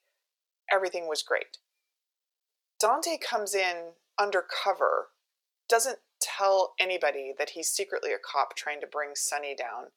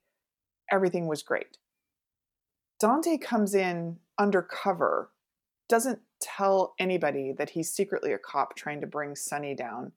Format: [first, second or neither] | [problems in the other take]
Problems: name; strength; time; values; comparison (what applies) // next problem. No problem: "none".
second | thin; very; fading below 500 Hz